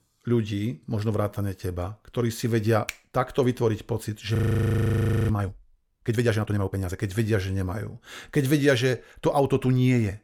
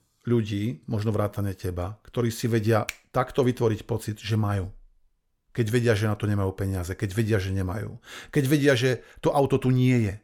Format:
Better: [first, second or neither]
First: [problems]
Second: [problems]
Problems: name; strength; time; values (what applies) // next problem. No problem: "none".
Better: second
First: audio freezing; at 4.5 s for 1 s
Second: none